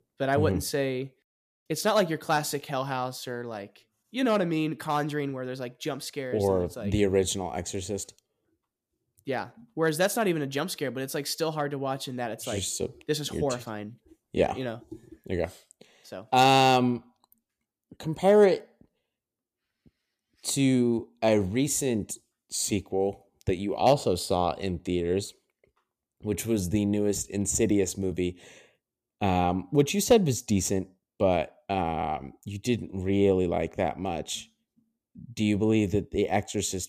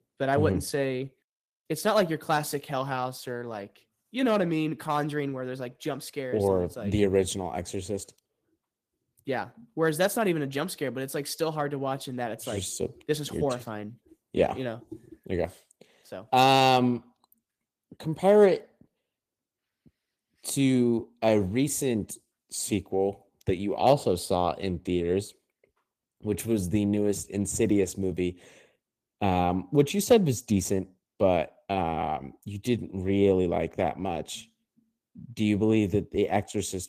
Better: first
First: none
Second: garbled, watery; slightly; nothing above 14.5 kHz

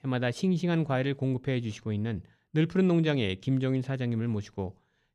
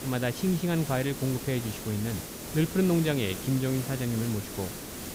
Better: first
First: none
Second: hiss; loud; throughout; 8 dB below the speech

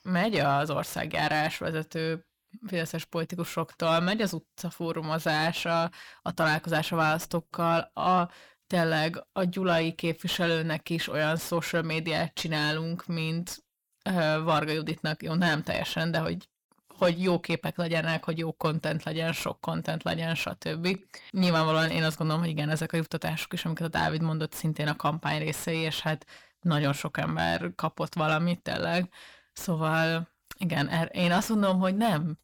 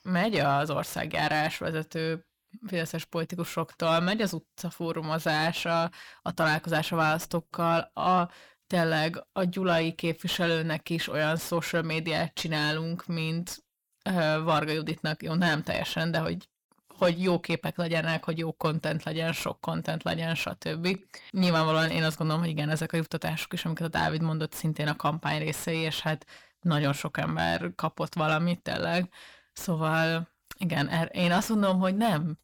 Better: neither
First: distortion; slight; 10 dB below the speech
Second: distortion; slight; 10 dB below the speech

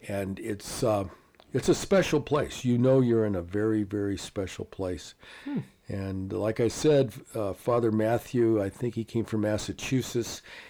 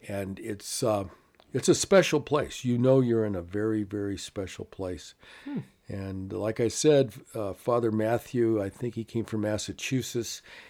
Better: second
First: distortion; slight; 10 dB below the speech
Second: none

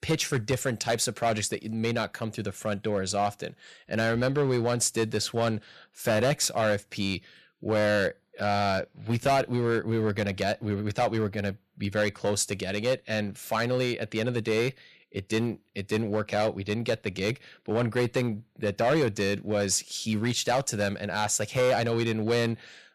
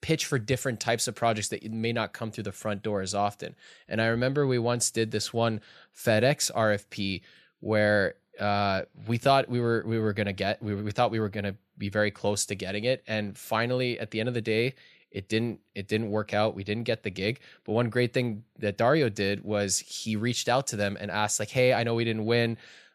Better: second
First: distortion; slight; 5% of the sound clipped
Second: none

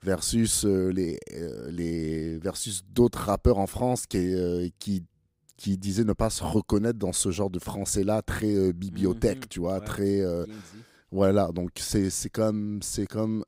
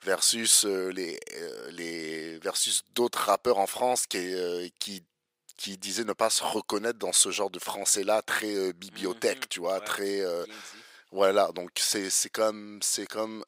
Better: first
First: none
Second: thin; very; fading below 600 Hz

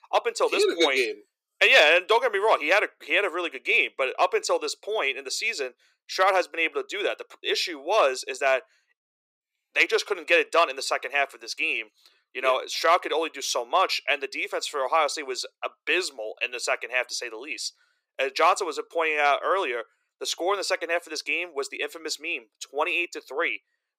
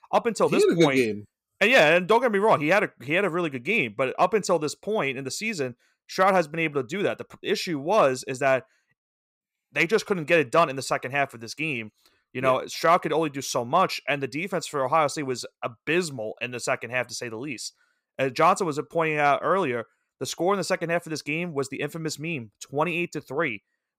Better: second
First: thin; very; fading below 350 Hz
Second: none

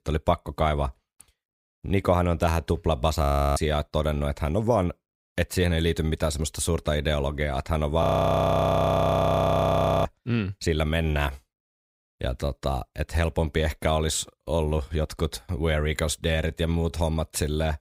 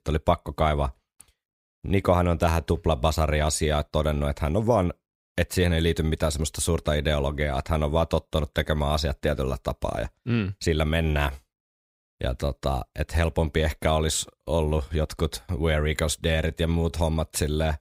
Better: second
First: audio freezing; at 3 s and at 8 s for 2 s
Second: none

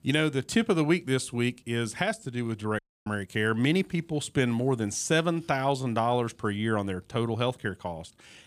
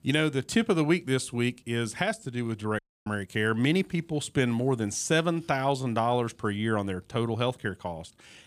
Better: neither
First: audio cutting out; at 3 s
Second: audio cutting out; at 3 s

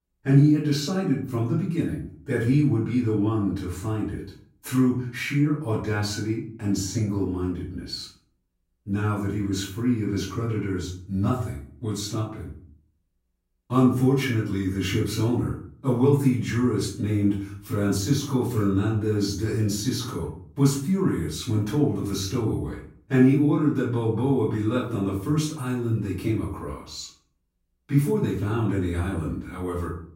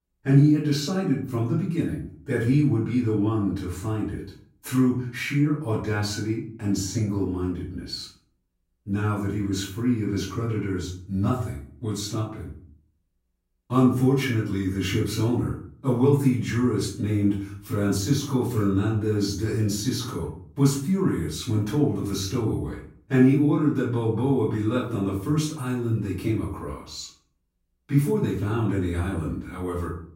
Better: neither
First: off-mic speech; far // room echo; noticeable; dies away in 0.5 s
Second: off-mic speech; far // room echo; noticeable; dies away in 0.5 s

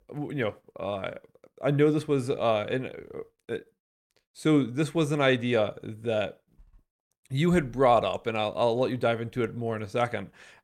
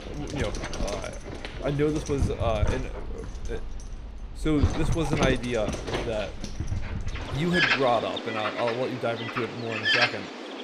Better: first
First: none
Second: animal sounds; loud; throughout; as loud as the speech

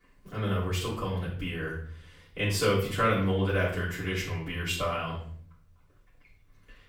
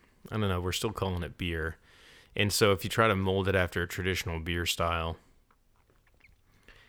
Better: second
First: off-mic speech; far // room echo; noticeable; dies away in 0.6 s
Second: none

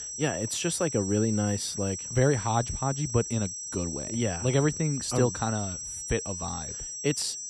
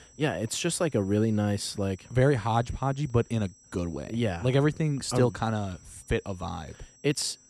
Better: second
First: high-pitched whine; loud; throughout; 6 kHz, 5 dB below the speech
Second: high-pitched whine; faint; throughout; 6 kHz, 25 dB below the speech

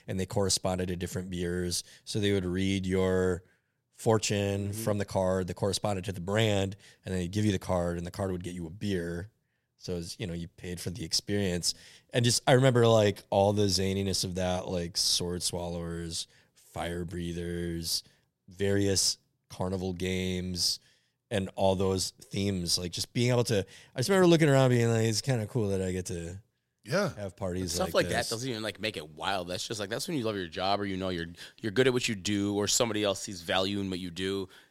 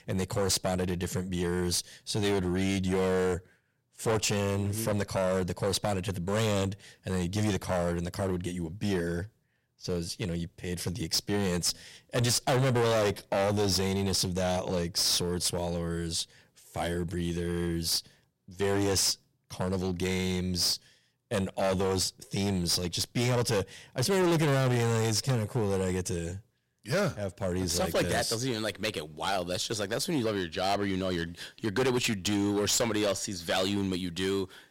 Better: first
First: none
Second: distortion; heavy; 11% of the sound clipped

